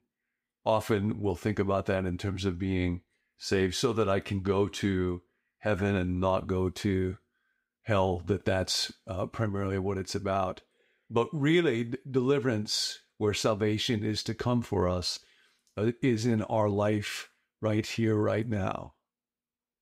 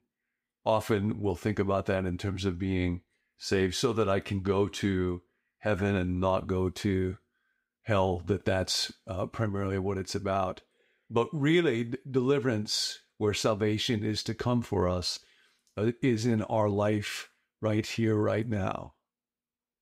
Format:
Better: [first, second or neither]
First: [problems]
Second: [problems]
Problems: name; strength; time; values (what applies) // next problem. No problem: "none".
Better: neither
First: none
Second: none